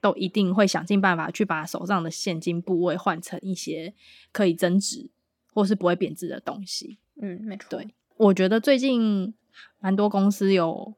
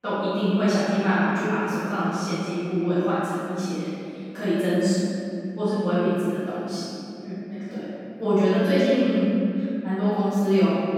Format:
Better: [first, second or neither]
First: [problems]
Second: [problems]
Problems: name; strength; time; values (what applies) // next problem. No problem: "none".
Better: first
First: none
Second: off-mic speech; far // room echo; strong; dies away in 2.7 s